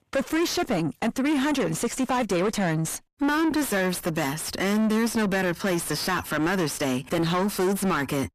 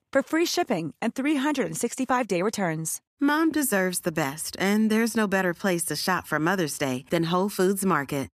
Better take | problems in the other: second | distortion; heavy; 7 dB below the speech

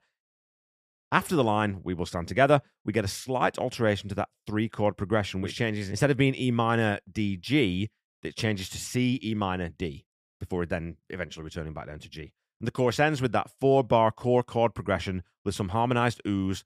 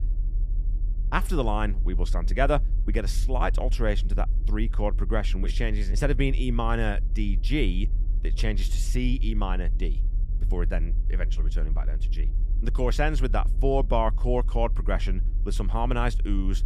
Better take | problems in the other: first | low rumble; faint; throughout; 20 dB below the speech

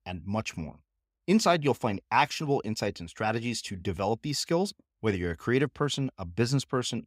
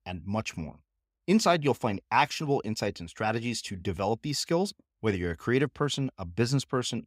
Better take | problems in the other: neither | none

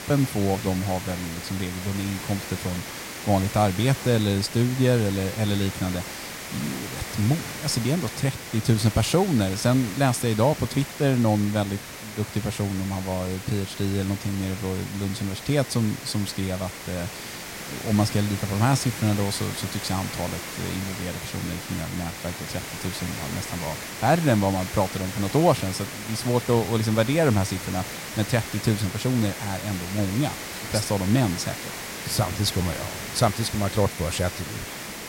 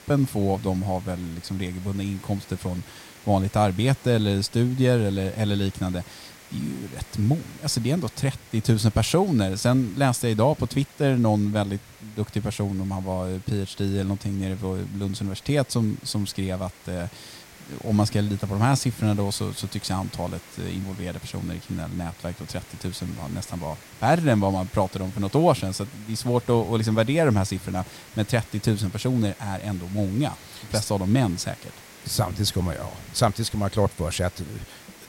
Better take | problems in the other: second | hiss; loud; throughout; 8 dB below the speech; faint in the second

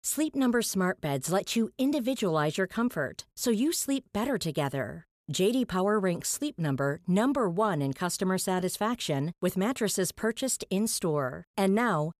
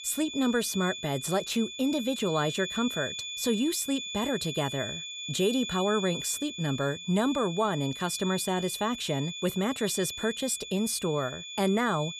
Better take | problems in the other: first | high-pitched whine; loud; throughout; 3.5 kHz, 7 dB below the speech

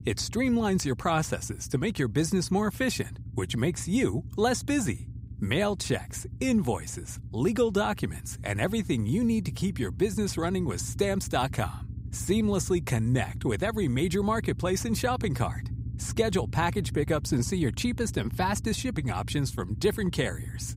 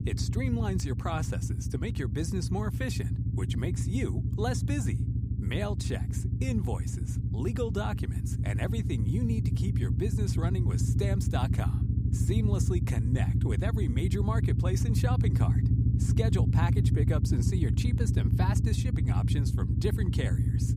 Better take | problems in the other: first | low rumble; loud; throughout; 3 dB below the speech; faint in the first

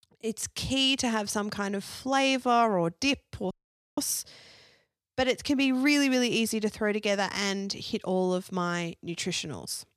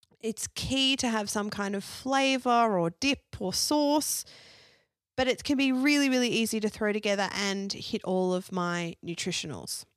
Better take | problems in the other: second | audio cutting out; at 3.5 s

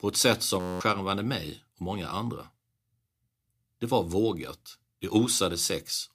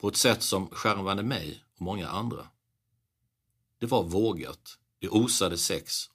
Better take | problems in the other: second | audio freezing; at 0.5 s

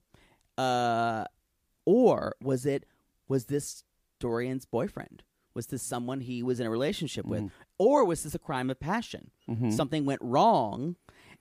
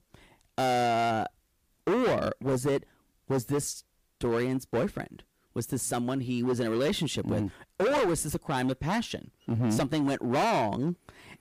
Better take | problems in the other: first | distortion; heavy; 13% of the sound clipped

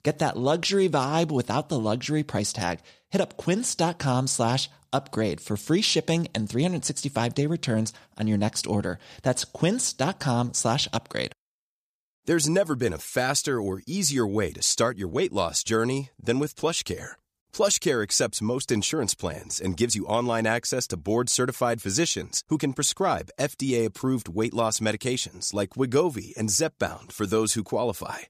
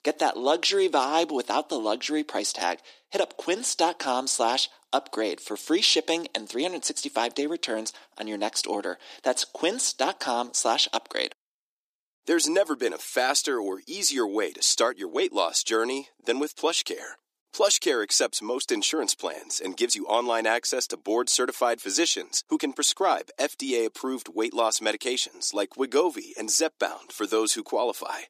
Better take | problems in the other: first | thin; somewhat; fading below 300 Hz

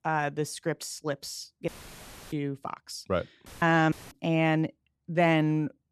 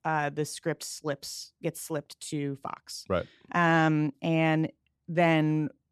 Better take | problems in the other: second | audio cutting out; filled with static; at 1.5 s for 0.5 s, at 3.5 s and at 4 s

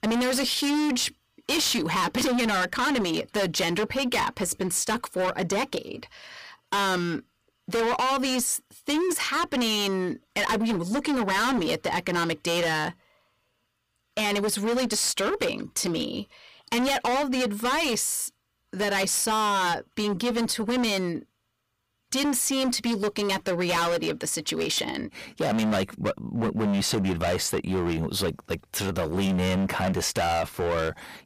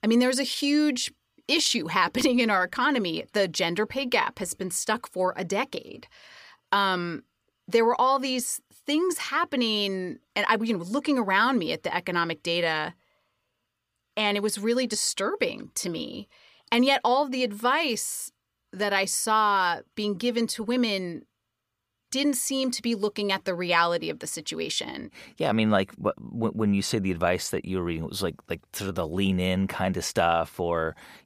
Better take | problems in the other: second | distortion; heavy; 24% of the sound clipped

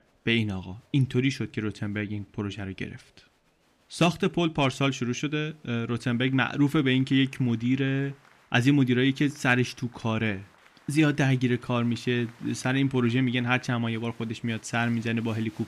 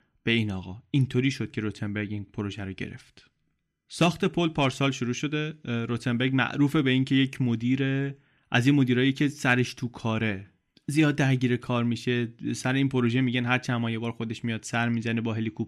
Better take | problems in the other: second | crowd noise; faint; throughout; 30 dB below the speech

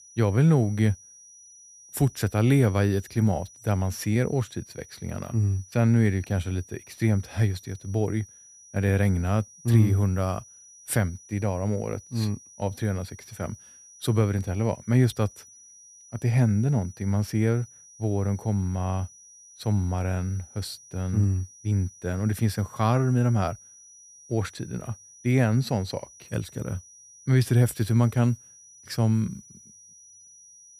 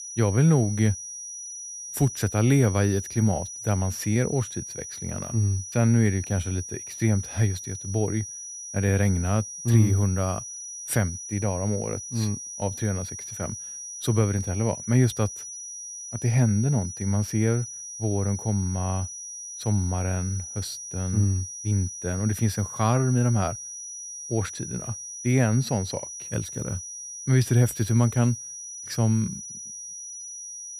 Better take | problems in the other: first | high-pitched whine; loud; throughout; 6 kHz, 9 dB below the speech; faint in the first

